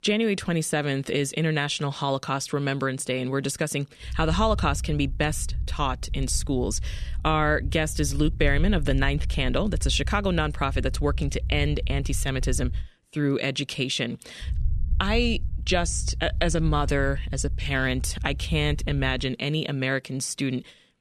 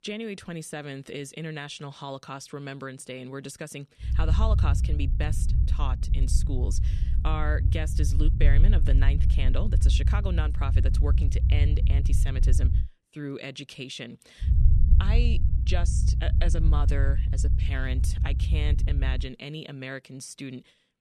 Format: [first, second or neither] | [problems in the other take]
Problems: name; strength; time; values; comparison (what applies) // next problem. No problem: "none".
first | low rumble; loud; from 4 to 13 s and from 14 to 19 s; 6 dB below the speech; faint in the first